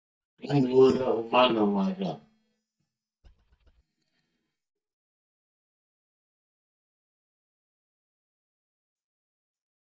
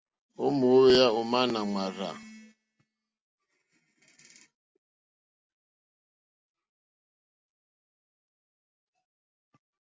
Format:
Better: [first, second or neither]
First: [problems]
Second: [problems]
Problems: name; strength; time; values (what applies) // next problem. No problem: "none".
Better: second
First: noise reduction (neural mask model DeepFilterNet 3)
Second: none